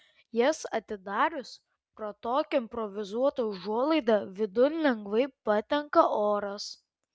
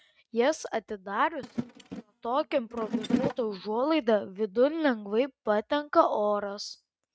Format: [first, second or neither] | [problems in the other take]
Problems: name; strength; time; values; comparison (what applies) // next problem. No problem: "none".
first | noise reduction (neural mask model RNNoise)